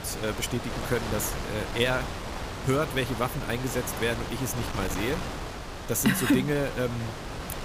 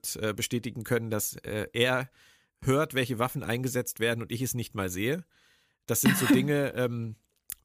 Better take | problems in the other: second | wind noise on the microphone; heavy; 5 dB below the speech

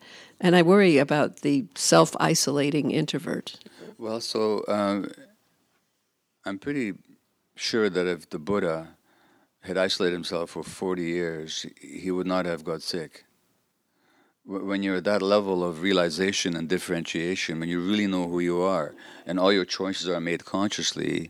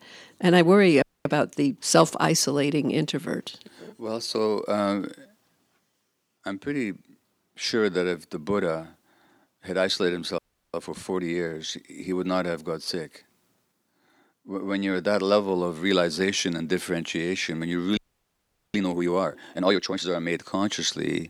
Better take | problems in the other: first | audio freezing; at 1 s, at 10 s and at 18 s for 1 s

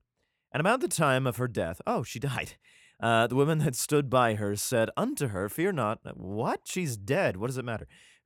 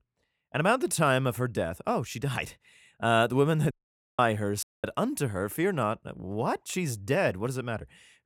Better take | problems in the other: first | audio cutting out; at 3.5 s and at 4.5 s

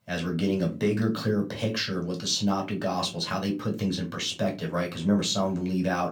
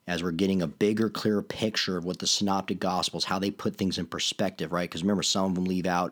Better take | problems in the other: second | off-mic speech; somewhat distant // room echo; very slight; dies away in 0.3 s

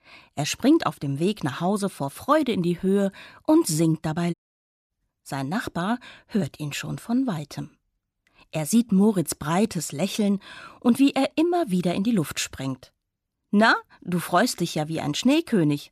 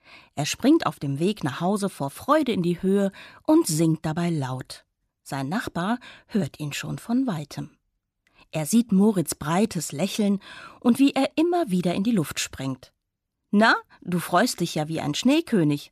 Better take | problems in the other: second | audio cutting out; at 4.5 s for 0.5 s

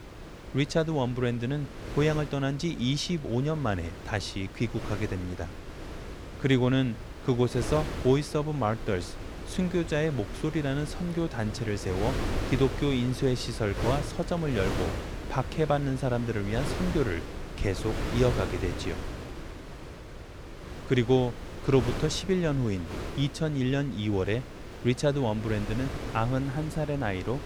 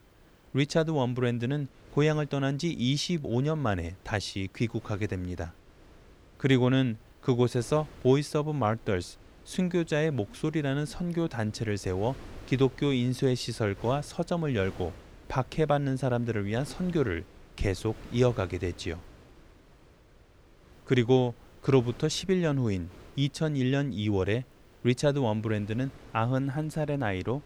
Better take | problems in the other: second | wind noise on the microphone; heavy; 9 dB below the speech; occasional gusts in the second

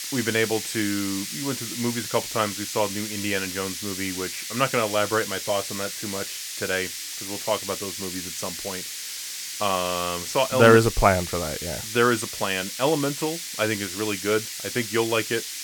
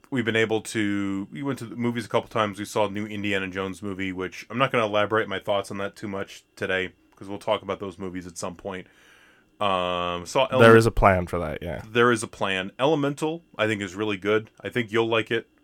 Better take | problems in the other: second | hiss; loud; throughout; 5 dB below the speech

